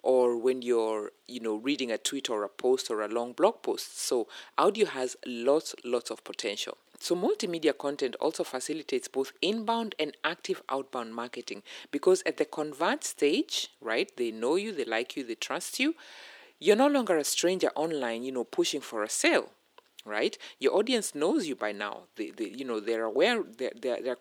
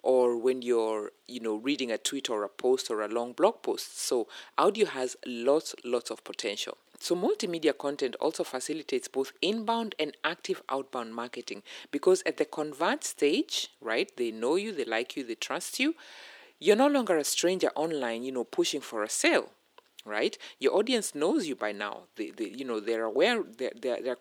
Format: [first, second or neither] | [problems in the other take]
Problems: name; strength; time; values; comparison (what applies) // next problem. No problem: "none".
neither | thin; somewhat; fading below 350 Hz; the same in both